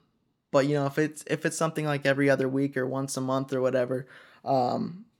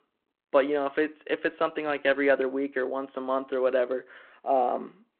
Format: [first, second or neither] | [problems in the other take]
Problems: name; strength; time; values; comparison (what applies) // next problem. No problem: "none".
first | phone-call audio